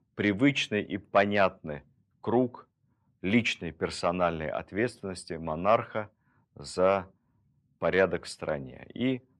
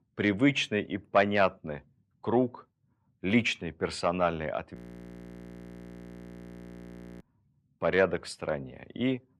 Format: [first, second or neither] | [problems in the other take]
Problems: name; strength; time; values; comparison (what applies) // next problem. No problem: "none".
first | audio freezing; at 5 s for 2.5 s